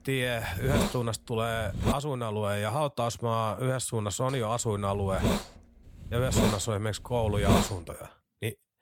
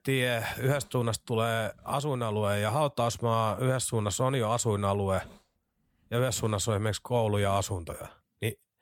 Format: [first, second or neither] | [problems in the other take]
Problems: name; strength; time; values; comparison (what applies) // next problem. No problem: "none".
second | hiss; loud; until 2 s and from 4.5 to 8 s; as loud as the speech; faint in the second